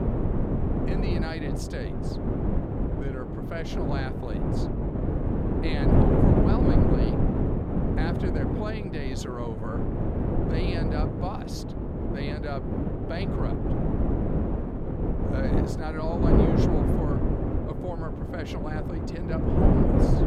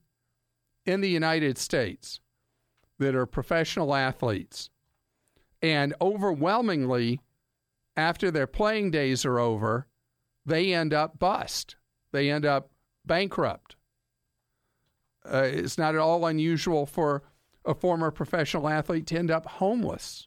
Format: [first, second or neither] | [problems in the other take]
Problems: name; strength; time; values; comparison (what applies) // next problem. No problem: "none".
second | wind noise on the microphone; heavy; 4 dB above the speech